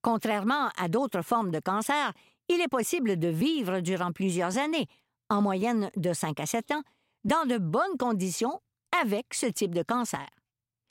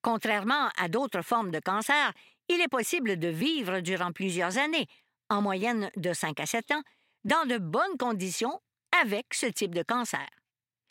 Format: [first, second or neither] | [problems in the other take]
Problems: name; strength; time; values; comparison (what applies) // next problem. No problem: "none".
first | thin; very slightly; fading below 400 Hz